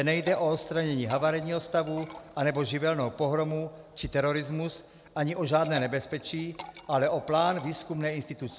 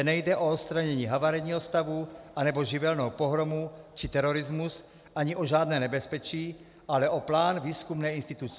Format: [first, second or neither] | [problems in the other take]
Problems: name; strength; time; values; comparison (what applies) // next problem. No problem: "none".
second | background sound (Liquid); 20 dB below the speech